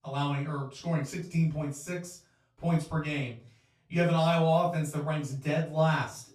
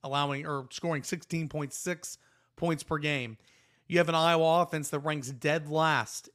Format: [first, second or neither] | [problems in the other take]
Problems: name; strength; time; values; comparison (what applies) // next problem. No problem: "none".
second | off-mic speech; far // room echo; slight; dies away in 0.3 s